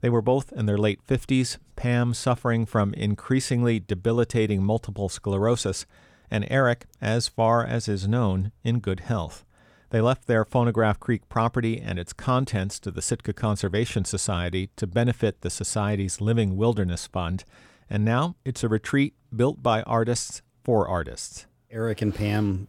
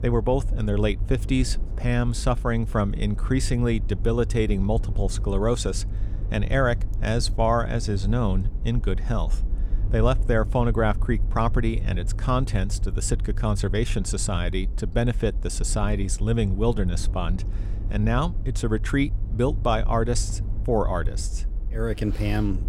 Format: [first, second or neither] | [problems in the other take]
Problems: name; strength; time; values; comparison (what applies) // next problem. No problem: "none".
first | low rumble; noticeable; throughout; 20 dB below the speech